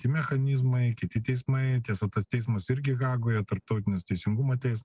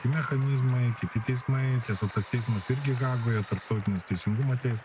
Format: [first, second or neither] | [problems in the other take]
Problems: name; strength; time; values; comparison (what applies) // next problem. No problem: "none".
first | background sound (Applause + Camera); 18 dB below the speech